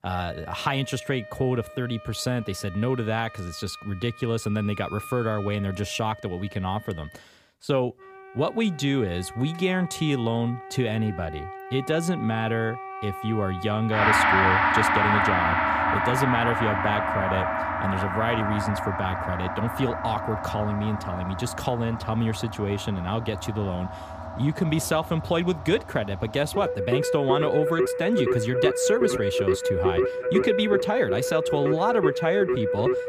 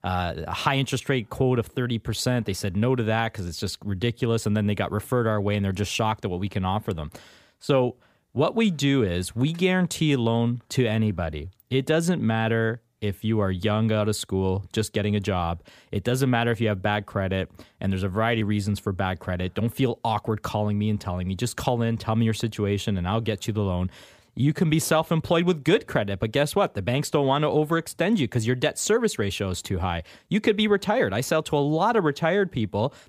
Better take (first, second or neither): second